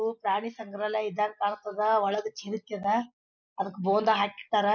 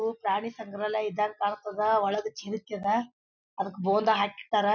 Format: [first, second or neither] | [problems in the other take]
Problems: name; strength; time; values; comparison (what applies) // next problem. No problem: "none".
second | noise reduction (neural mask model Resemble Enhance denoiser)